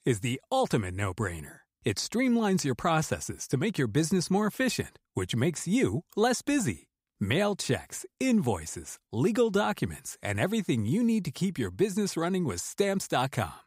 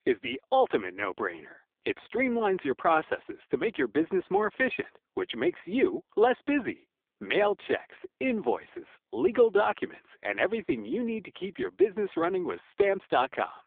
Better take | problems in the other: first | phone-call audio; poor line; nothing above 3.5 kHz

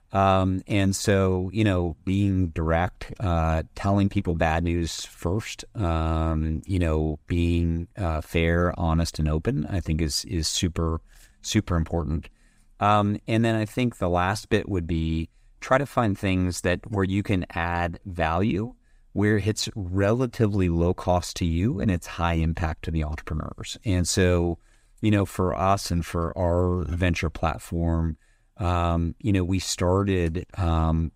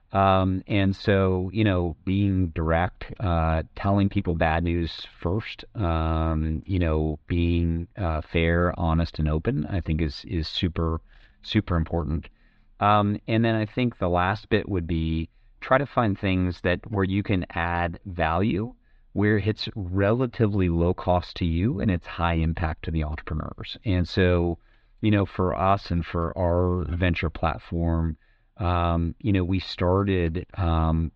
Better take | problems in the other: first | muffled; slightly; fading above 4 kHz

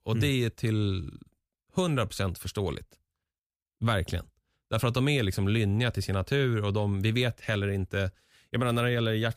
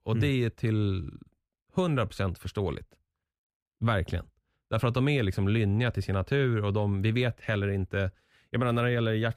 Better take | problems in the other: first | muffled; slightly; fading above 3.5 kHz

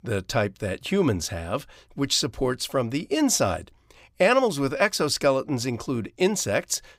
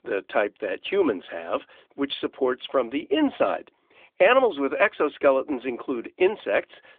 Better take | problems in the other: first | phone-call audio; nothing above 3.5 kHz

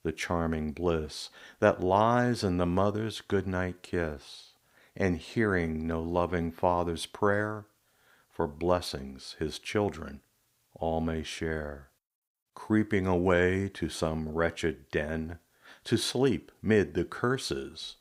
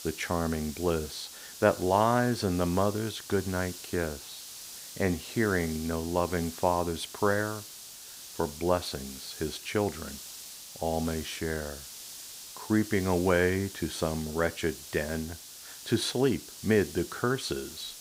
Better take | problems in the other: first | hiss; noticeable; throughout; 10 dB below the speech

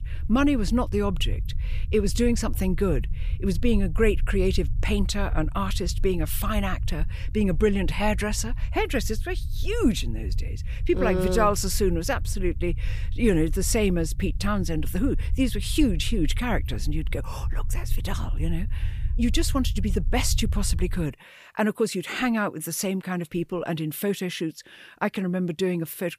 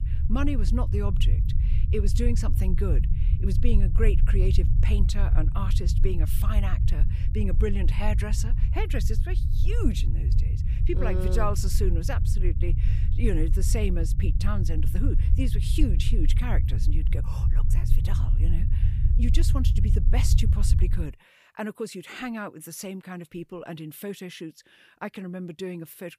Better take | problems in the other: first | low rumble; loud; until 21 s; 7 dB below the speech; faint in the first

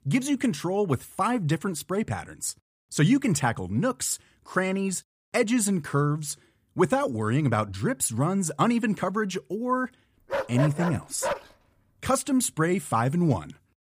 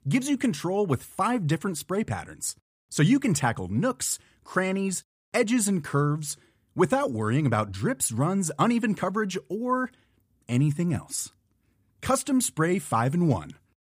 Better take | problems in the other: second | dog barking; noticeable; from 10 to 11 s; peak 3 dB below the speech

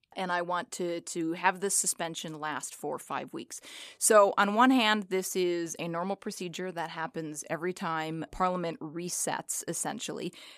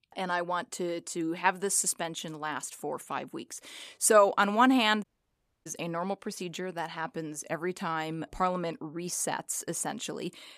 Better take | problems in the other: first | audio cutting out; at 5 s for 0.5 s

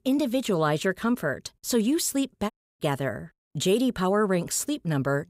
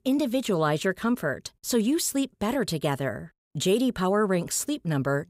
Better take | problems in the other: second | audio cutting out; at 2.5 s

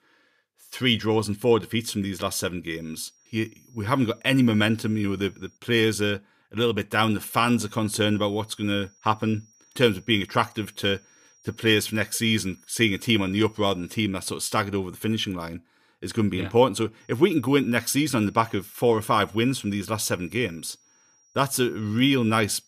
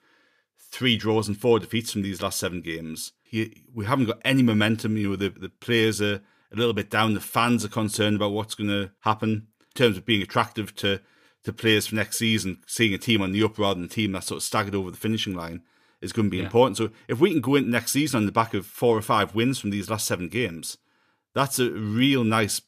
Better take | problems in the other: second | high-pitched whine; faint; from 3 to 5.5 s, from 7.5 to 14 s and from 17 s on; 5.5 kHz, 35 dB below the speech

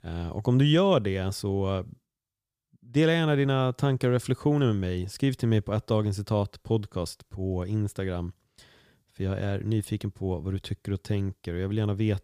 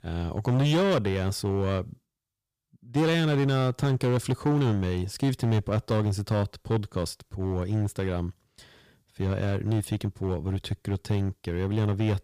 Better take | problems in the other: first | distortion; slight; 10% of the sound clipped

